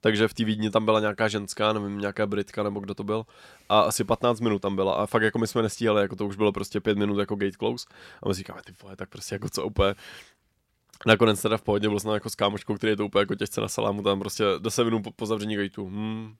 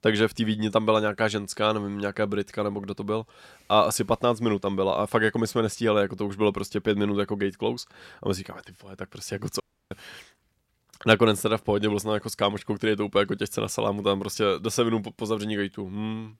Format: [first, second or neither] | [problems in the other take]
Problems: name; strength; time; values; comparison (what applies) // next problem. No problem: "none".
first | audio cutting out; at 9.5 s